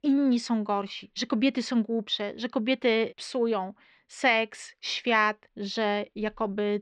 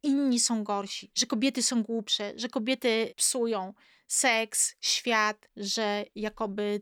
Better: second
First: muffled; slightly; fading above 3.5 kHz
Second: none

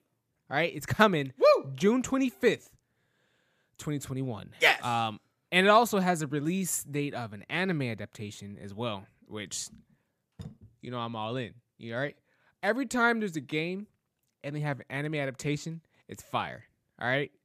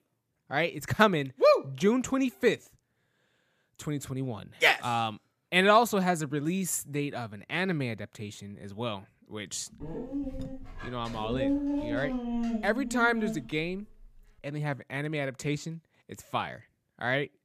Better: first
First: none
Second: dog barking; noticeable; from 10 to 14 s; peak level with the speech

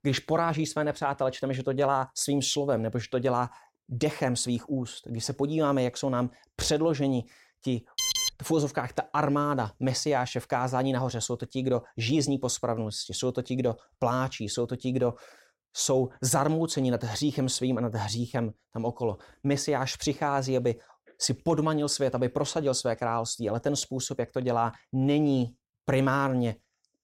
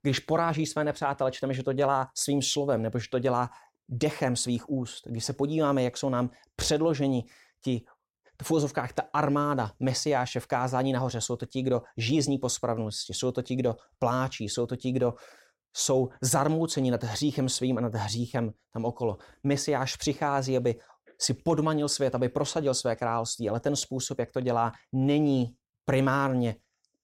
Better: second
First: alarm; loud; at 8 s; peak 3 dB above the speech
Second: none

